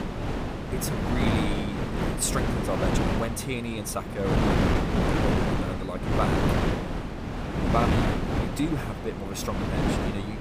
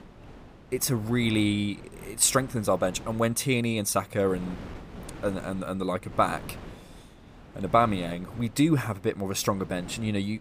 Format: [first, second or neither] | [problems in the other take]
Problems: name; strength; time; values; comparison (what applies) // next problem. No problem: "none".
second | wind noise on the microphone; heavy; 3 dB above the speech; occasional gusts in the second